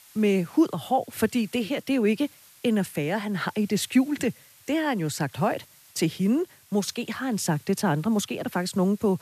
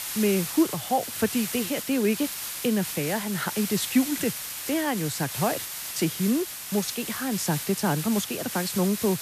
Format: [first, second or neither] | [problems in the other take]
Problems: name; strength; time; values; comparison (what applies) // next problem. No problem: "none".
first | hiss; loud; throughout; 5 dB below the speech; faint in the first